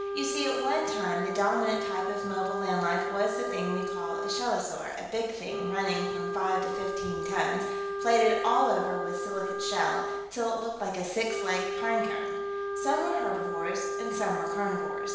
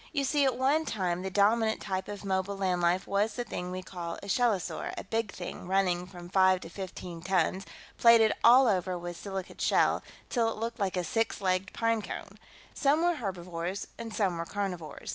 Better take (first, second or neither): second